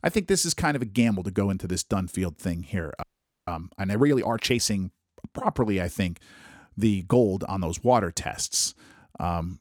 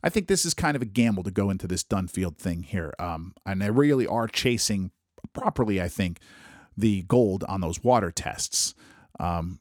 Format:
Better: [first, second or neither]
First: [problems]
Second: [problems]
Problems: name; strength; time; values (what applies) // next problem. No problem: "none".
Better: second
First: audio freezing; at 3 s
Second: none